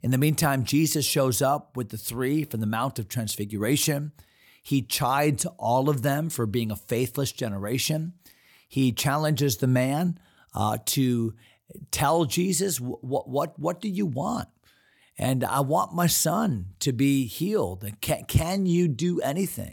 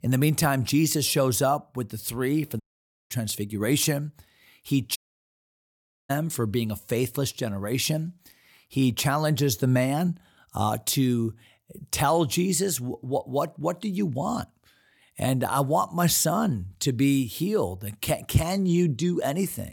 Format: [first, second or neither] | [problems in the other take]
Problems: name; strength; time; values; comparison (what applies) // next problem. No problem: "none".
first | audio cutting out; at 2.5 s for 0.5 s and at 5 s for 1 s